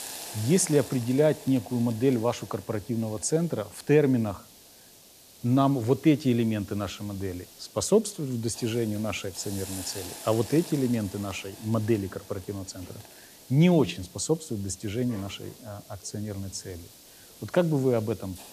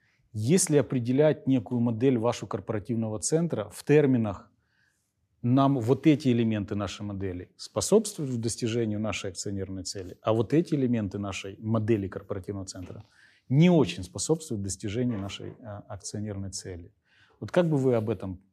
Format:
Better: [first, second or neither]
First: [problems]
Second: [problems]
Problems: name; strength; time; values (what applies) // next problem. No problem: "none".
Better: second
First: hiss; noticeable; throughout; 15 dB below the speech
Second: none